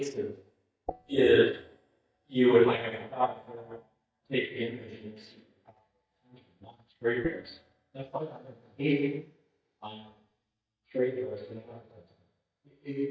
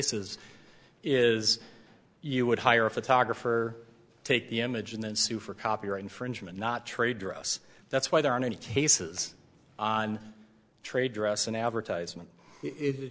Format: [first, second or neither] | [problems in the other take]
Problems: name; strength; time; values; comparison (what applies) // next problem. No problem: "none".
second | noise reduction (neural mask model DeepFilterNet 3)